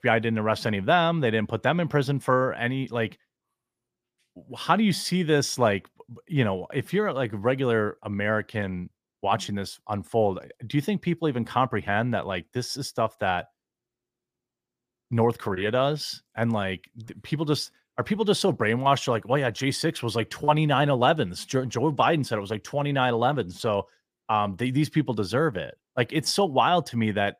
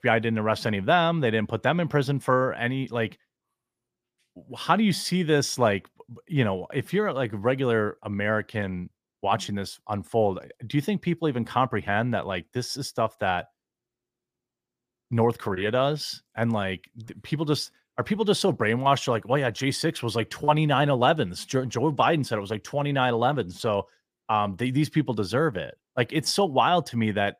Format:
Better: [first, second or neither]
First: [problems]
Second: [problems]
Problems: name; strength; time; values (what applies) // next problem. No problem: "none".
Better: neither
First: none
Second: none